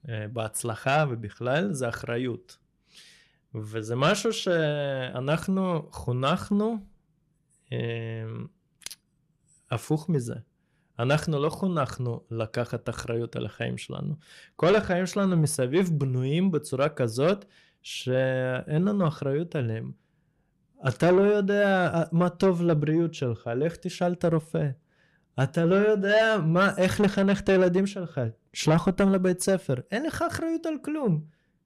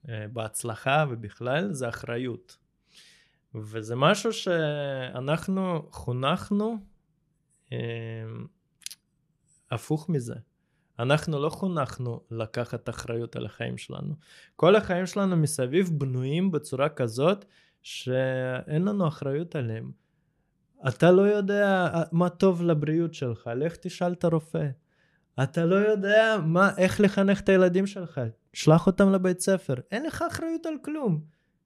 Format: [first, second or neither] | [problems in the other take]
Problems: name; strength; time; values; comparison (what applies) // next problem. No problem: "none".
second | distortion; slight; 10 dB below the speech